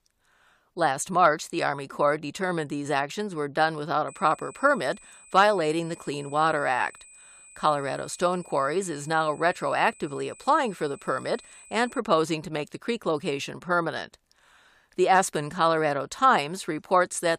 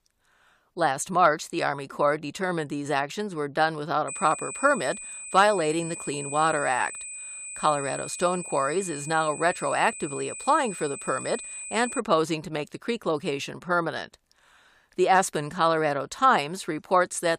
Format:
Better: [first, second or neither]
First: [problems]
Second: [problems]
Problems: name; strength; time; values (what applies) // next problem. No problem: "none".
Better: first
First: high-pitched whine; faint; from 4 to 12 s; 8 kHz, 20 dB below the speech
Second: high-pitched whine; loud; from 4 to 12 s; 8 kHz, 10 dB below the speech